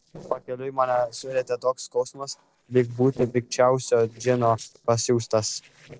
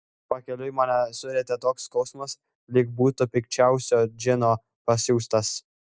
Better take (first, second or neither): second